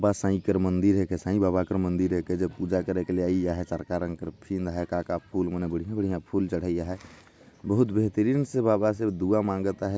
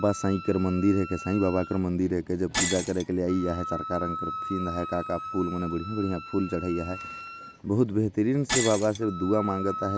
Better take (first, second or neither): first